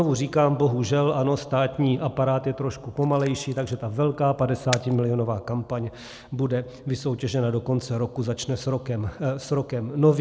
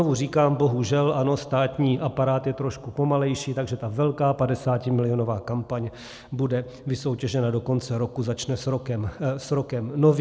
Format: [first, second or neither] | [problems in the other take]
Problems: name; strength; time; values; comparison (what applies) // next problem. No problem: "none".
second | background sound (Camera); 17 dB below the speech